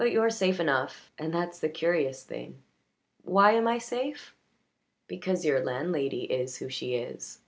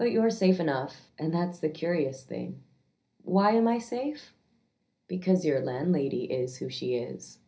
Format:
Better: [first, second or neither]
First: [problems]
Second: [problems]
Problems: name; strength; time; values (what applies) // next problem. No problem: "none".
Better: first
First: none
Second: room echo; dies away in 0.5 s